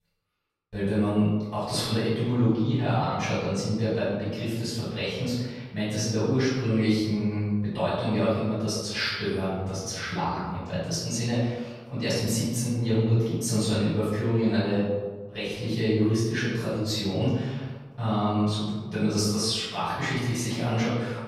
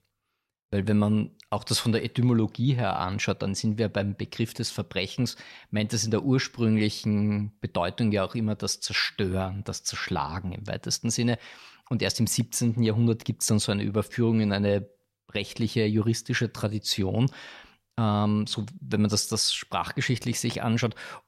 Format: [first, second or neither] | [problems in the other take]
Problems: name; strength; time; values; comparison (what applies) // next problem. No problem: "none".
second | off-mic speech; far // room echo; strong; dies away in 1.2 s